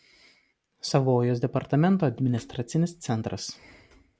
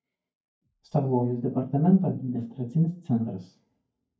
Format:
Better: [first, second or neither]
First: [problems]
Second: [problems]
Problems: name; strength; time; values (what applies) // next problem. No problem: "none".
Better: first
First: none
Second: noise reduction (neural mask model DeepFilterNet 3)